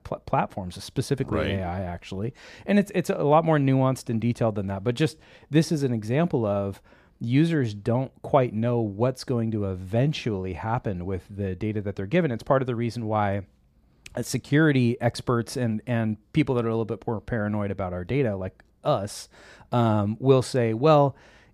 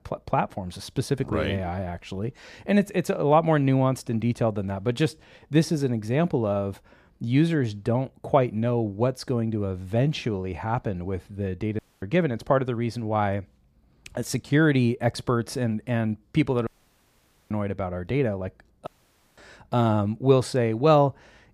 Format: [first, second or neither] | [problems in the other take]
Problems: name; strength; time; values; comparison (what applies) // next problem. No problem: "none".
first | audio cutting out; at 12 s, at 17 s for 1 s and at 19 s for 0.5 s